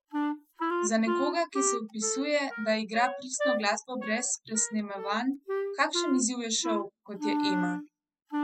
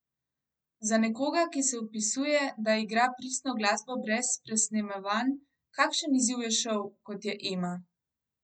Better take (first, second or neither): second